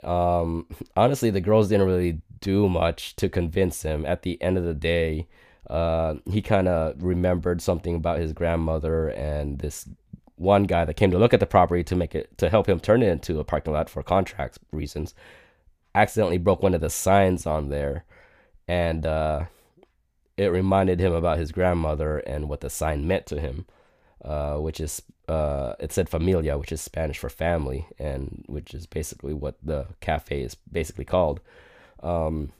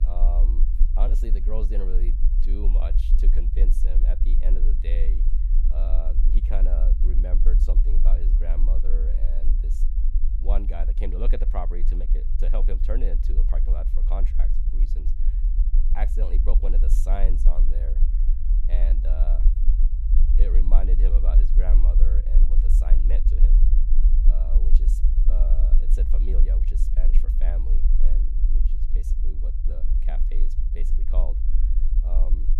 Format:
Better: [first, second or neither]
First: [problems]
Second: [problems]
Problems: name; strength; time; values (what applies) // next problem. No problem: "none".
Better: first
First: none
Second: low rumble; loud; throughout; 7 dB below the speech